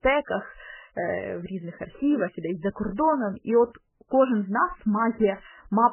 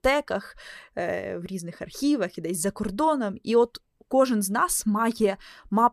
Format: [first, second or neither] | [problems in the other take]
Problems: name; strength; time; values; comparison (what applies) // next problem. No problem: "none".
second | garbled, watery; badly; nothing above 3 kHz